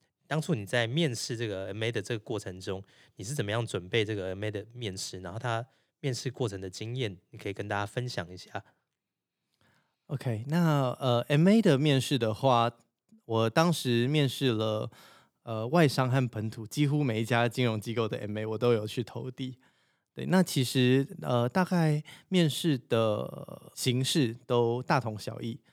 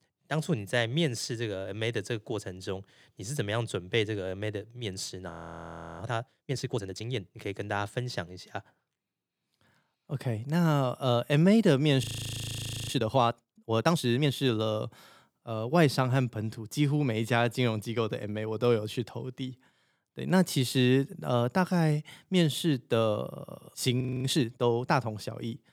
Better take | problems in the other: first | audio freezing; at 5.5 s for 0.5 s, at 12 s for 1 s and at 24 s

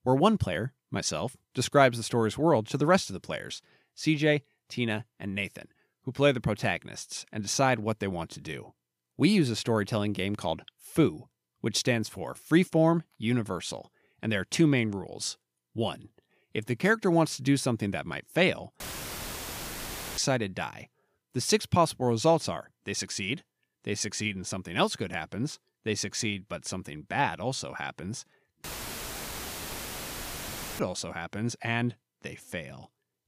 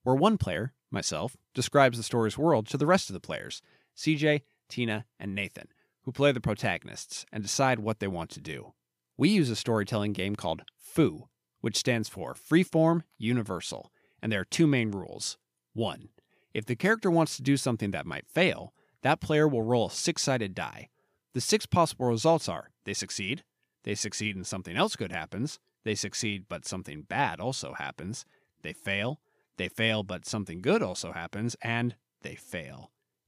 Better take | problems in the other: second | audio cutting out; filled with static; at 19 s for 1.5 s and at 29 s for 2 s

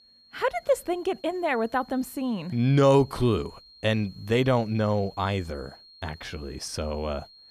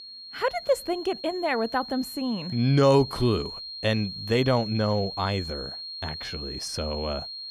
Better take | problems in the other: first | high-pitched whine; loud; throughout; 4 kHz, 9 dB below the speech; faint in the first

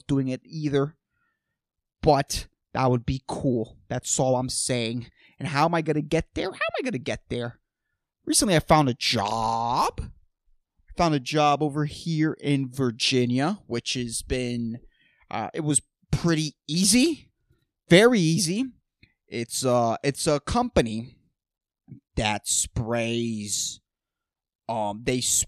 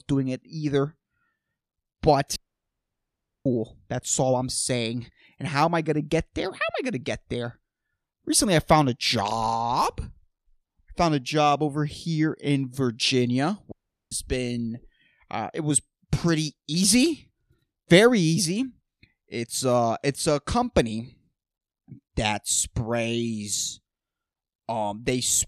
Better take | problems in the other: first | audio cutting out; at 2.5 s for 1 s and at 14 s

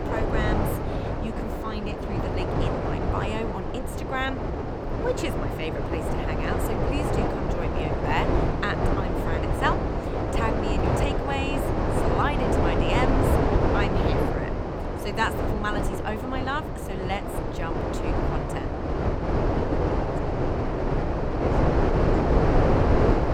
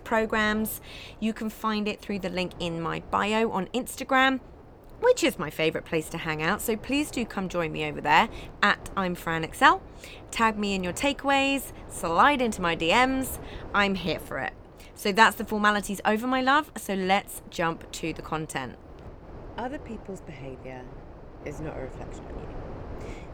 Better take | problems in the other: second | wind noise on the microphone; heavy; 3 dB above the speech; occasional gusts in the second

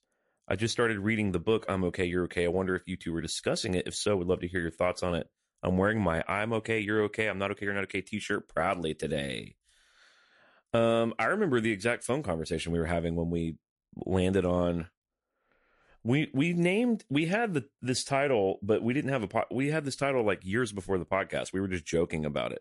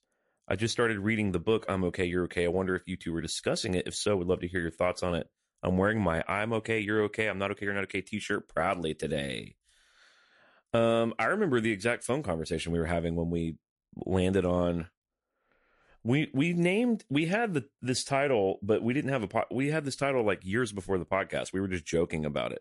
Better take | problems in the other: neither | garbled, watery; slightly; nothing above 11 kHz; the same in both

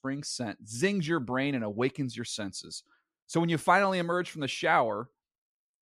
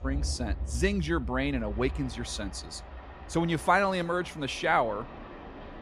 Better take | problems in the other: first | train or aircraft noise; noticeable; throughout; 10 dB below the speech

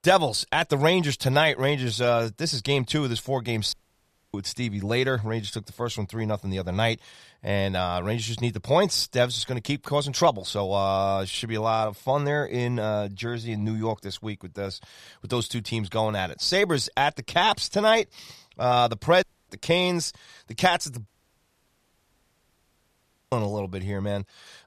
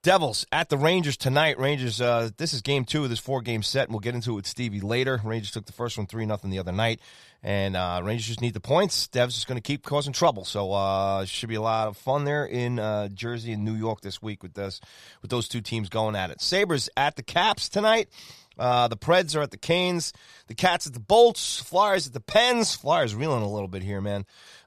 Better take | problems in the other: second | audio cutting out; at 3.5 s for 0.5 s, at 19 s and at 21 s for 2.5 s

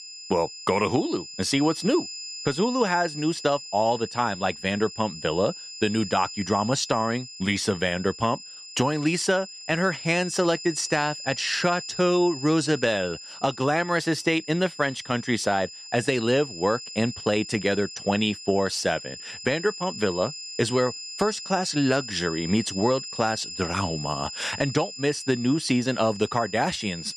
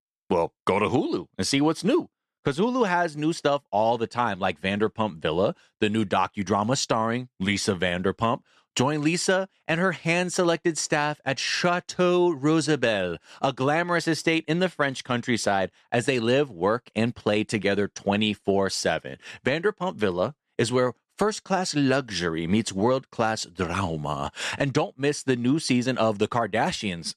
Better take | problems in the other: second | high-pitched whine; noticeable; throughout; 5 kHz, 10 dB below the speech

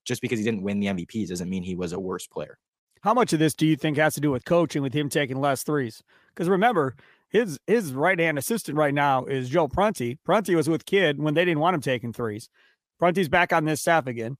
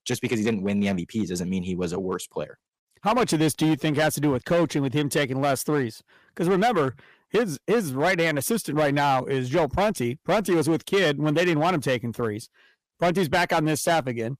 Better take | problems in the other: first | distortion; slight; 9% of the sound clipped

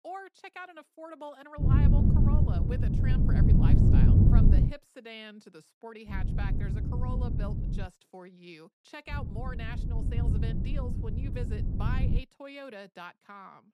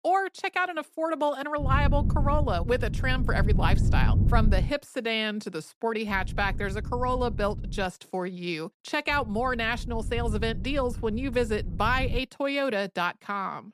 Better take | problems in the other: second | wind noise on the microphone; heavy; from 1.5 to 4.5 s, from 6 to 8 s and from 9 to 12 s; 4 dB above the speech; occasional gusts in the second

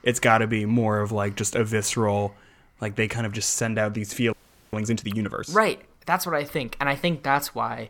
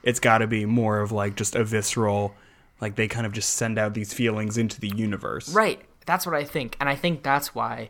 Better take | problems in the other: second | audio freezing; at 4.5 s

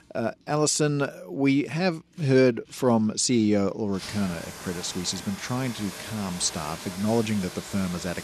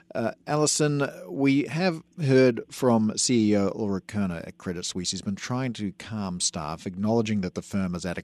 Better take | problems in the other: second | household noises; noticeable; throughout; 10 dB below the speech

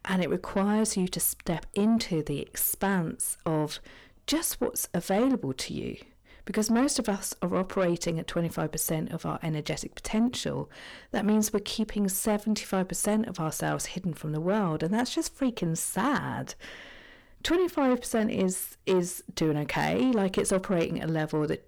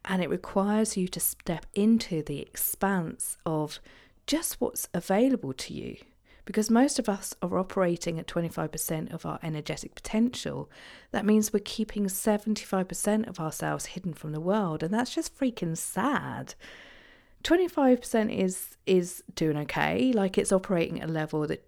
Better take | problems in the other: second | distortion; slight; 10 dB below the speech

